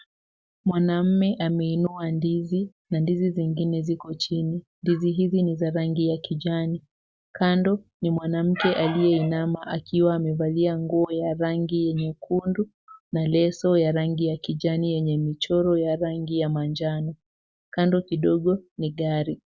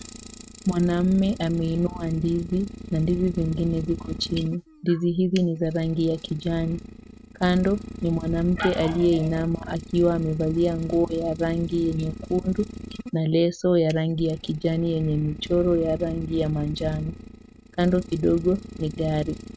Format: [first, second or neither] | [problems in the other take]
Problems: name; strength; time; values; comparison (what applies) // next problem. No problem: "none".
first | noise reduction (neural mask model RNNoise)